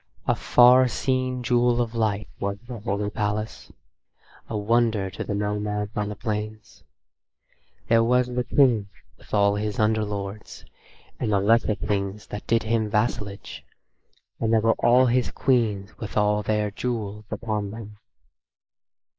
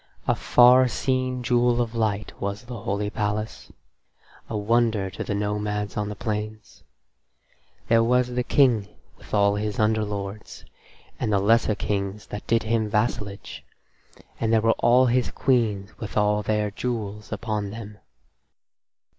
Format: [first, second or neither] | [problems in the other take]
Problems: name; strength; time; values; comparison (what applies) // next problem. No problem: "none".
second | noise reduction (neural mask model Resemble Enhance denoiser)